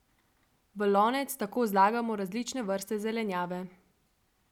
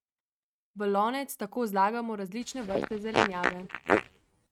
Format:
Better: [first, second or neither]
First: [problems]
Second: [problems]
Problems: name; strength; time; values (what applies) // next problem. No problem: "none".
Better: first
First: none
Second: noise reduction (neural mask model RNNoise)